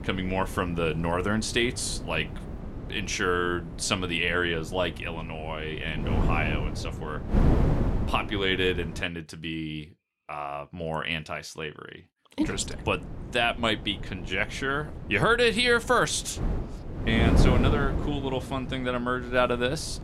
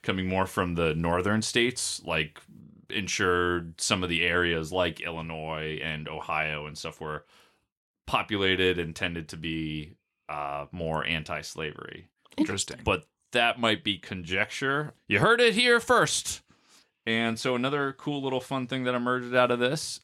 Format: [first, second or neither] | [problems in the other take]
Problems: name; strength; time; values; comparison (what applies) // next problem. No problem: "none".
second | wind noise on the microphone; occasional gusts; until 9 s and from 12 s on; 10 dB below the speech